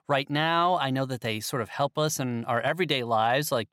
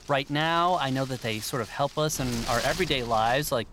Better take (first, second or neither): first